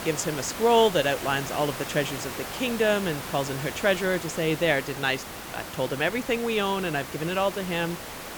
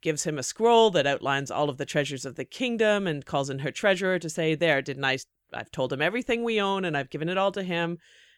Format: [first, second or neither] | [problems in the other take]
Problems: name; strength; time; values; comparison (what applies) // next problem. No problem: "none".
second | hiss; loud; throughout; 9 dB below the speech